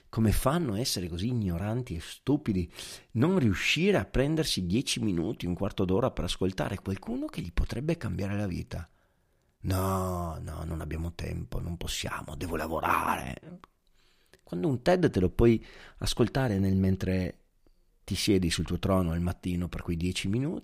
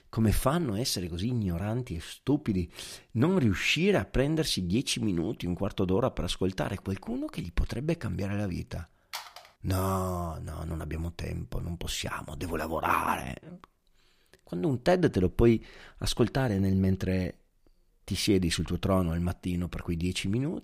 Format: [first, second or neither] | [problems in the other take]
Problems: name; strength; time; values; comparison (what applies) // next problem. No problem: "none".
first | phone ringing; faint; at 9 s; peak 10 dB below the speech